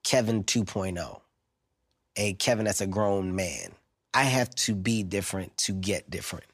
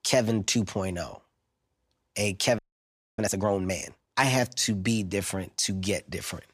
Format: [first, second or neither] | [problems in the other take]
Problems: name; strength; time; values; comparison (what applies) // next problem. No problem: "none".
first | audio freezing; at 2.5 s for 0.5 s